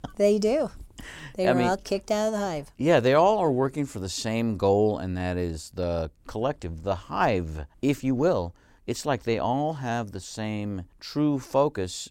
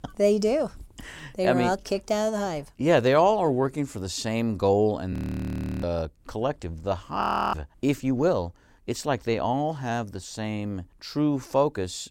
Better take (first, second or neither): first